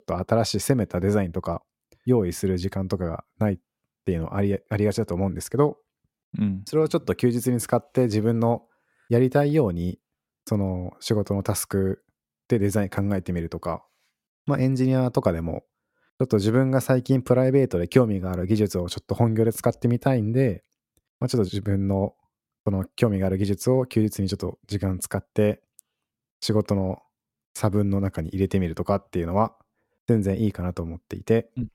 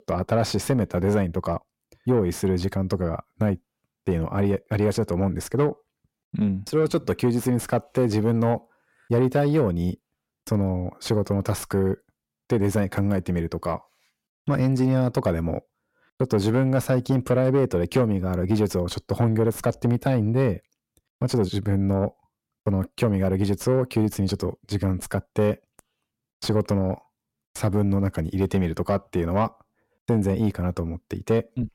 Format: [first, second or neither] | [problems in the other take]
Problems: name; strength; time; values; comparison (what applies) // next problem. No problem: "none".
first | distortion; slight; 10 dB below the speech